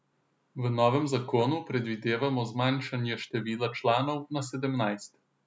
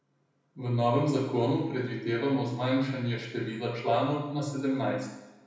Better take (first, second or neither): first